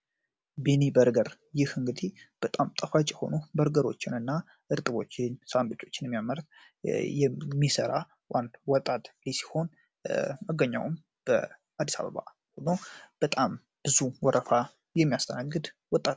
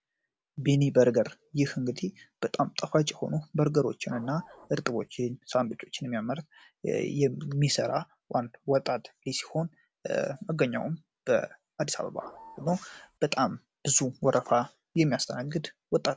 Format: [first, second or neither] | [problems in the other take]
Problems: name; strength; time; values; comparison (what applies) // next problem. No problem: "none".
first | background sound (Printer / Engine); 20 dB below the speech